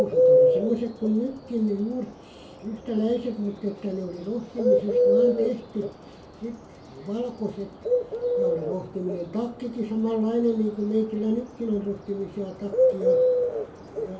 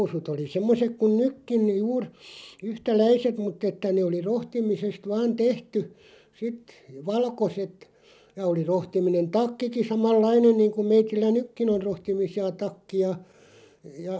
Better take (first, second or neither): second